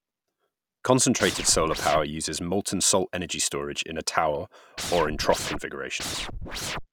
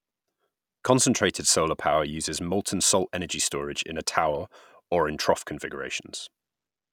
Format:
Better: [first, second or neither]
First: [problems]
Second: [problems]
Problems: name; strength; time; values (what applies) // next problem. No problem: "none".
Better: second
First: background sound (Scratching (performance technique)); 6 dB below the speech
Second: none